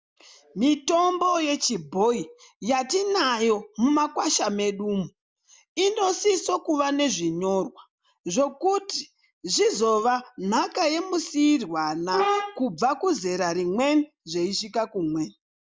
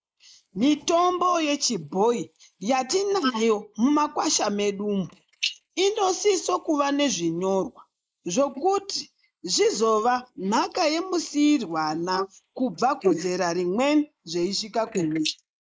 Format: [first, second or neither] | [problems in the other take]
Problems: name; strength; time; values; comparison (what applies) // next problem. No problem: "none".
first | noise reduction (neural mask model Resemble Enhance denoiser)